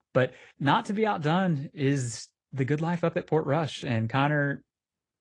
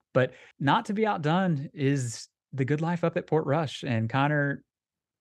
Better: second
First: garbled, watery; slightly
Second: none

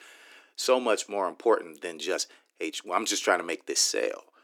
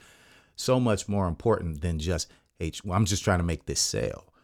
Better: second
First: thin; very; fading below 300 Hz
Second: none

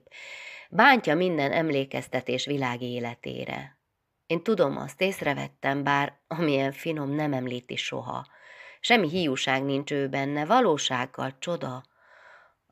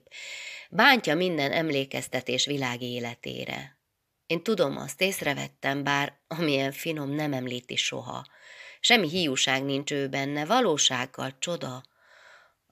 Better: second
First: muffled; slightly; fading above 3 kHz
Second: none

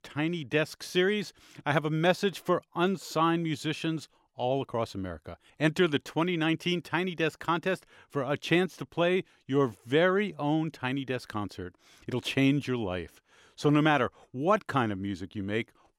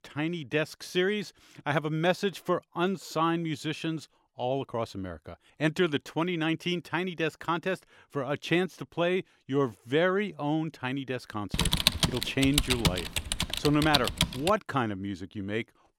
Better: first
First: none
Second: keyboard typing; loud; from 12 to 14 s; peak 6 dB above the speech

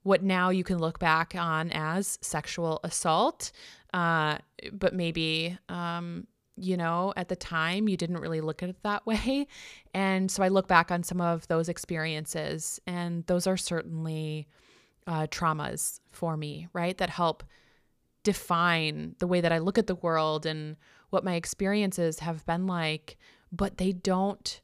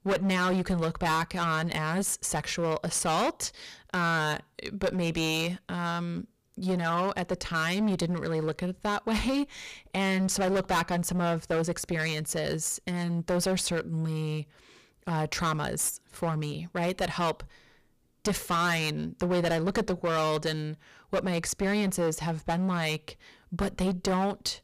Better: first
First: none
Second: distortion; heavy; 13% of the sound clipped

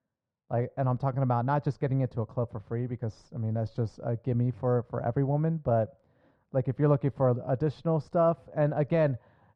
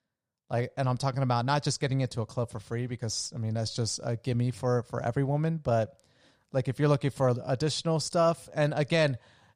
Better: second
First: muffled; very; fading above 3.5 kHz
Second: none

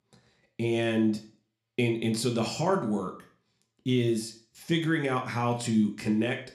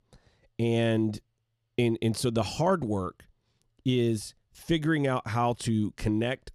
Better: second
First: room echo; very slight; dies away in 0.4 s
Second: none

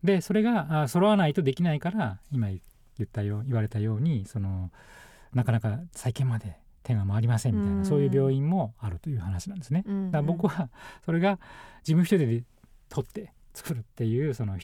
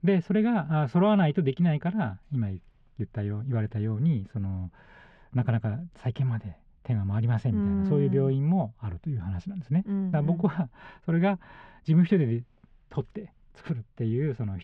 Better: first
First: none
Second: muffled; slightly; fading above 3 kHz

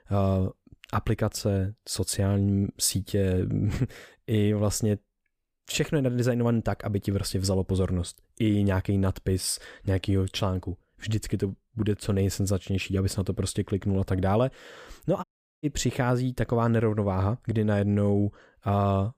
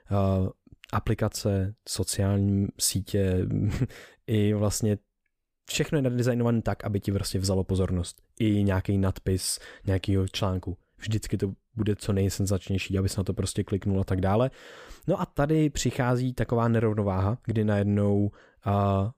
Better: second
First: audio cutting out; at 15 s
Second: none

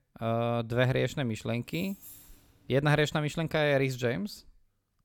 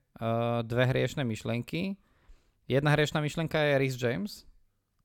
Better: second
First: jangling keys; faint; from 1.5 to 2.5 s; peak 15 dB below the speech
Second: none

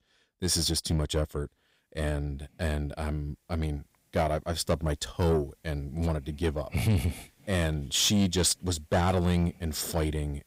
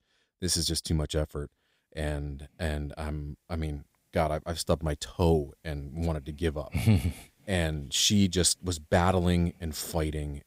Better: second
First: distortion; slight; 10 dB below the speech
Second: none

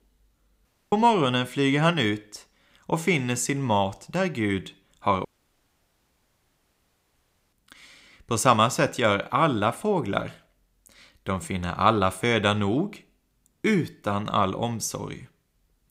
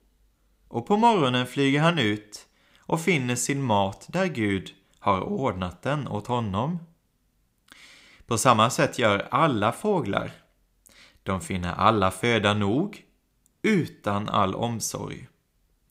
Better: second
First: audio cutting out; at 0.5 s and at 5.5 s for 2.5 s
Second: none

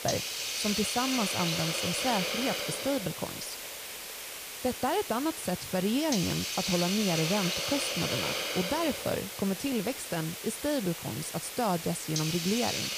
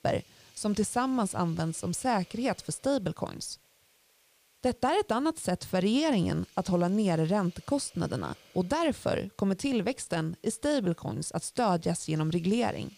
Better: second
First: hiss; loud; throughout; 1 dB below the speech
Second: hiss; faint; throughout; 30 dB below the speech

